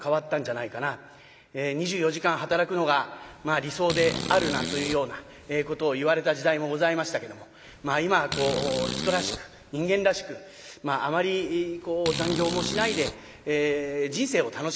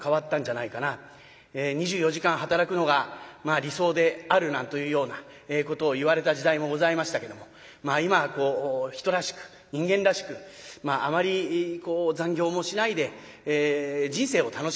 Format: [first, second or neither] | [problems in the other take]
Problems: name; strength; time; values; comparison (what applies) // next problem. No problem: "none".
second | background sound (Fart); 7 dB below the speech